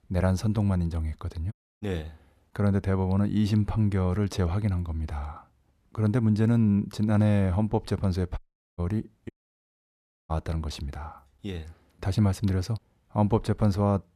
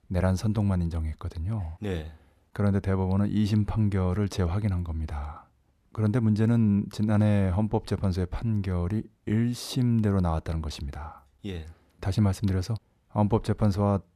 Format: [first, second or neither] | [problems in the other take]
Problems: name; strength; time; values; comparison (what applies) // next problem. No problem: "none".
second | audio cutting out; at 1.5 s, at 8.5 s and at 9.5 s for 1 s